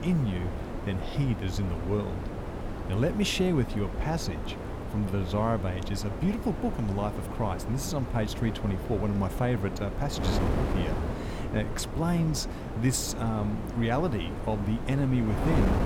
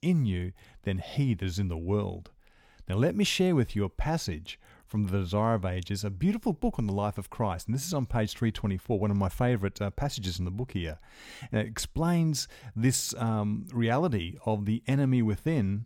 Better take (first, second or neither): second